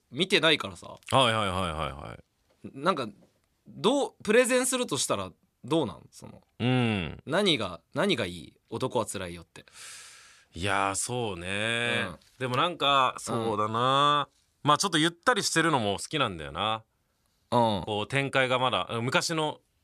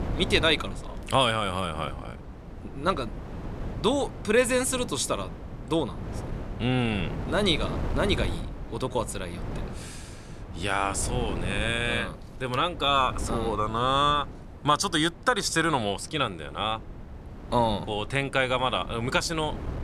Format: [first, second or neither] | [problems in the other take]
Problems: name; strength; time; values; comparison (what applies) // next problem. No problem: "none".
first | wind noise on the microphone; occasional gusts; 15 dB below the speech